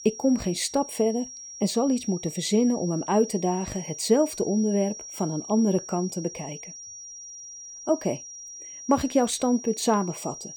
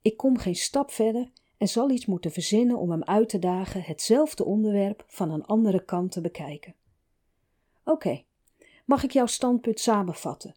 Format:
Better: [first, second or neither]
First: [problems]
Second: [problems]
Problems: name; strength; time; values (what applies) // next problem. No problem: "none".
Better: second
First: high-pitched whine; noticeable; throughout; 5.5 kHz, 10 dB below the speech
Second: none